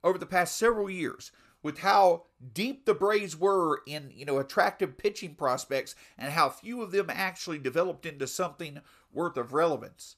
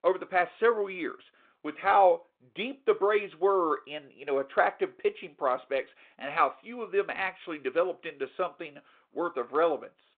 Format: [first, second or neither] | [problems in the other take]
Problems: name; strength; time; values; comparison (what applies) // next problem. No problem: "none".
first | phone-call audio; nothing above 3.5 kHz